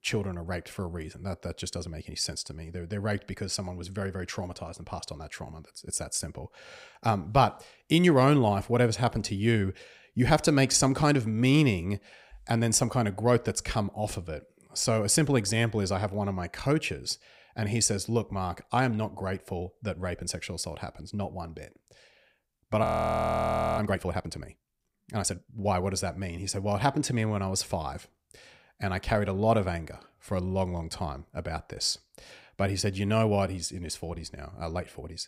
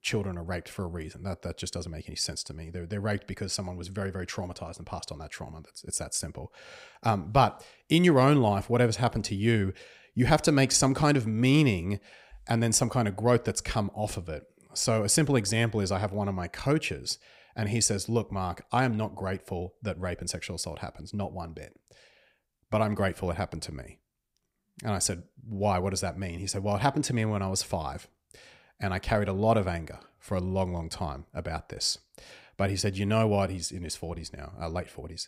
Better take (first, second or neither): second